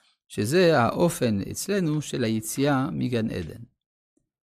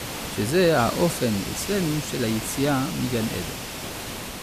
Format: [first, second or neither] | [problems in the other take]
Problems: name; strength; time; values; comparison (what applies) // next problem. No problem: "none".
first | hiss; loud; throughout; 7 dB below the speech